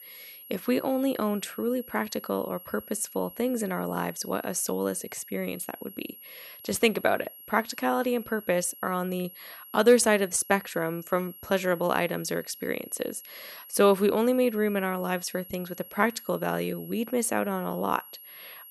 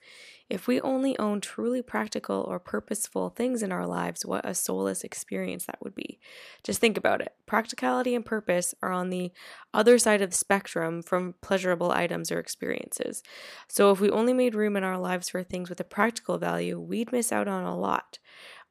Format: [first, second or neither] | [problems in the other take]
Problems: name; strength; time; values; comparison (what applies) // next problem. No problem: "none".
second | high-pitched whine; noticeable; throughout; 11.5 kHz, 15 dB below the speech